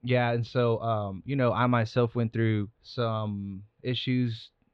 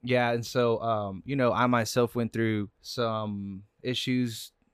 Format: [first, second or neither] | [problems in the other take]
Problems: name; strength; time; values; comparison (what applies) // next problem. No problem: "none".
second | muffled; very slightly; fading above 3.5 kHz